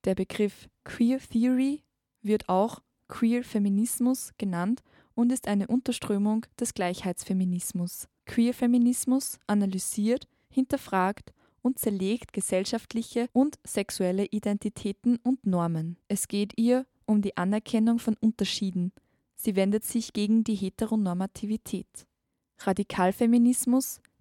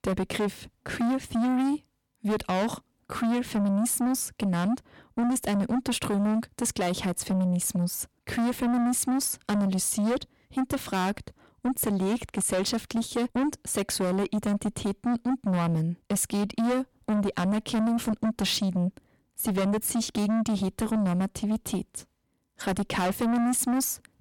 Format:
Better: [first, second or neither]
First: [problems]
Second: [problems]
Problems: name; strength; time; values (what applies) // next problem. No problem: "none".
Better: first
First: none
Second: distortion; heavy; 6 dB below the speech